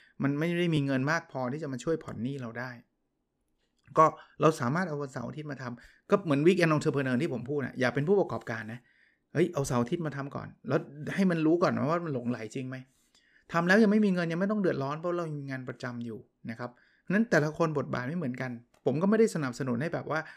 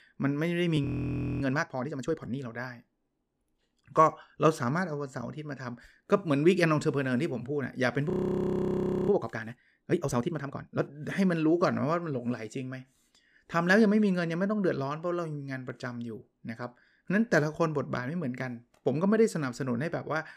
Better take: first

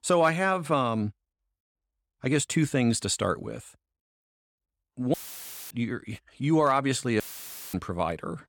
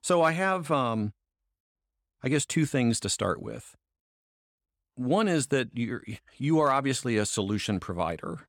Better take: second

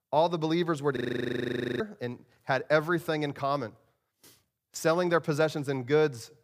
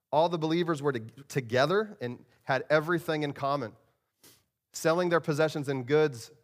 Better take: second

